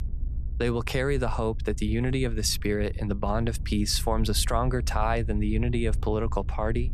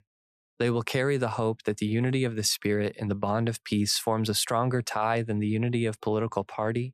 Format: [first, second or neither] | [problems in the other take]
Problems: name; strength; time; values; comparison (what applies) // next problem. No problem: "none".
second | low rumble; faint; throughout; 20 dB below the speech